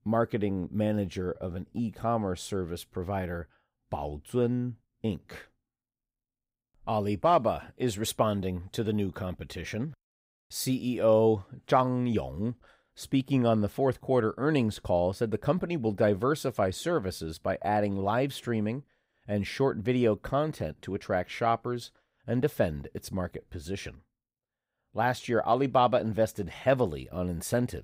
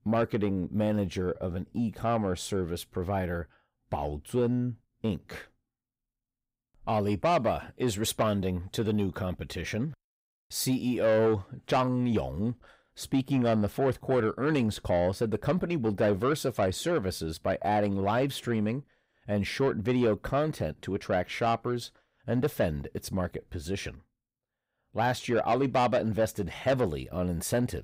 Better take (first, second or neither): first